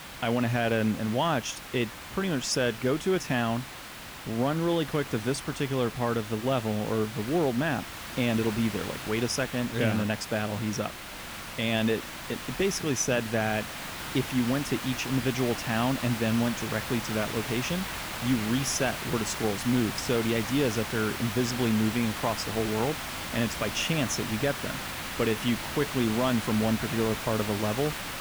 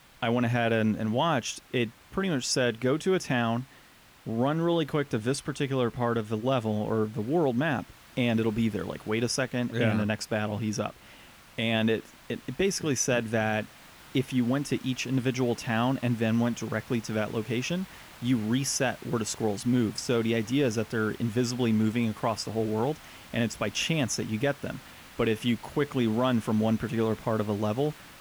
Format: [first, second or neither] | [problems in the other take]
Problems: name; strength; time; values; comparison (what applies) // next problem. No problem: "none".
second | hiss; loud; throughout; 7 dB below the speech; faint in the second